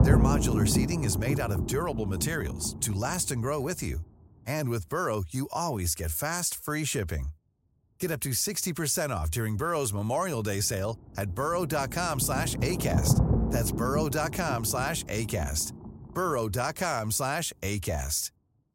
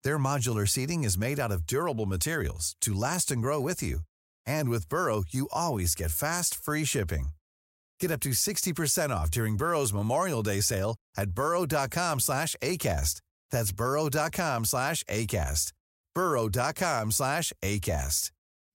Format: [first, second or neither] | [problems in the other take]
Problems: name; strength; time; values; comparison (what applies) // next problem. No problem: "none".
second | low rumble; loud; throughout; 8 dB below the speech